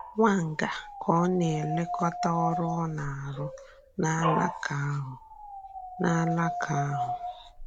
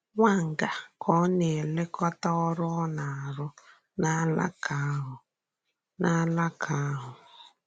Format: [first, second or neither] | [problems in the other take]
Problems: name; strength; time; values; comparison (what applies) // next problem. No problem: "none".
second | background sound (Dog); 7 dB below the speech